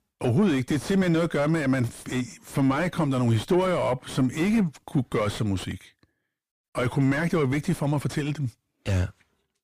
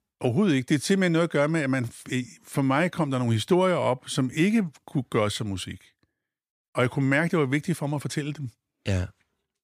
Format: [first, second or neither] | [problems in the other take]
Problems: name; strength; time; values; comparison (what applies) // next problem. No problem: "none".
second | distortion; heavy; 7 dB below the speech